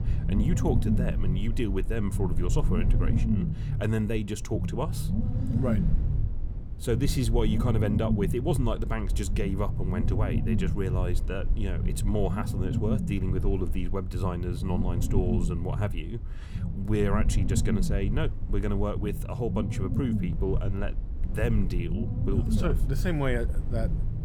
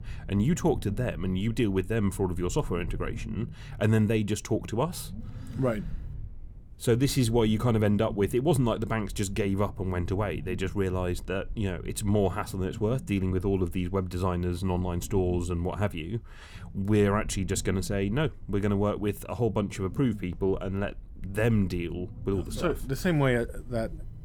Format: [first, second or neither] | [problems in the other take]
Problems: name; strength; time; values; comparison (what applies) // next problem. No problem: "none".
second | low rumble; loud; throughout; 6 dB below the speech; faint in the second